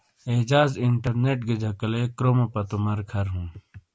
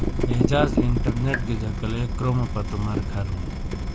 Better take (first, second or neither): first